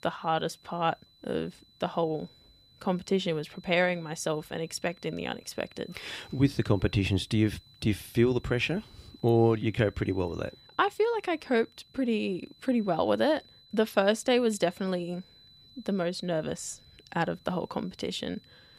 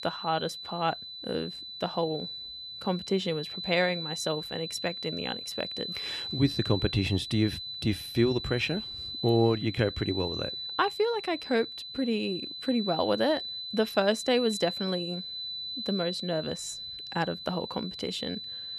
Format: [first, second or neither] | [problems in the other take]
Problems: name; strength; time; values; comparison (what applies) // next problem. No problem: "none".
first | high-pitched whine; loud; throughout; 4 kHz, 6 dB below the speech; faint in the first